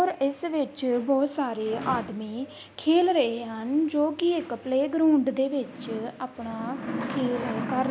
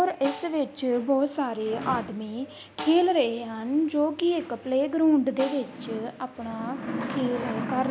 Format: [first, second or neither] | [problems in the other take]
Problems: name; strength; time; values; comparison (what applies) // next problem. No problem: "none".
first | background sound (Snare drum); 20 dB below the speech